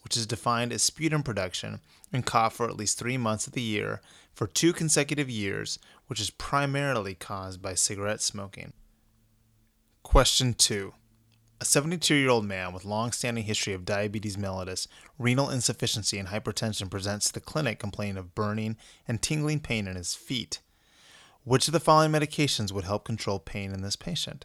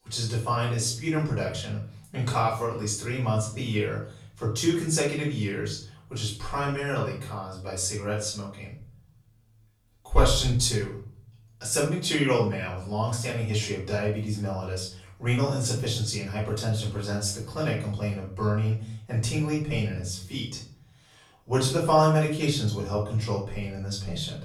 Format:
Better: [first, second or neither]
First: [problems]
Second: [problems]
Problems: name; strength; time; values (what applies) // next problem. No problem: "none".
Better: first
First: none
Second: off-mic speech; far // room echo; noticeable; dies away in 0.7 s